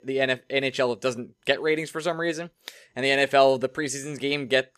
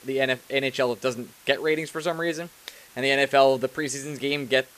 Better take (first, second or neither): first